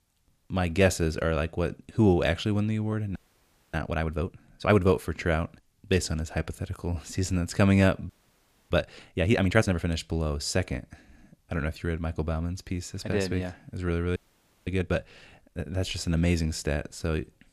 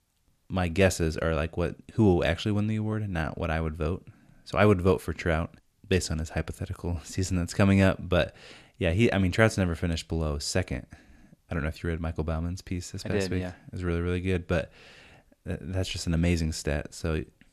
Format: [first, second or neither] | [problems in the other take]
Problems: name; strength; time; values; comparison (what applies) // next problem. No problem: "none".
second | audio freezing; at 3 s for 0.5 s, at 8 s for 0.5 s and at 14 s for 0.5 s